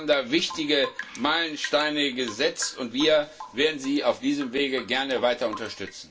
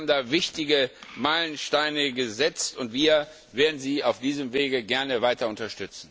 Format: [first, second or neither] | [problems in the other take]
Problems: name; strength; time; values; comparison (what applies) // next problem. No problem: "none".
second | background sound (Drip / Rain); 17 dB below the speech // room echo; dies away in 0.2 s